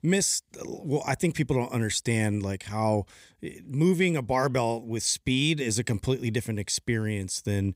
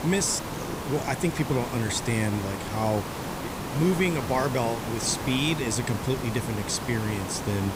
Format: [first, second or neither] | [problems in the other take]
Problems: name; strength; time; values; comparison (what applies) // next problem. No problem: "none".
first | hiss; loud; throughout; 6 dB below the speech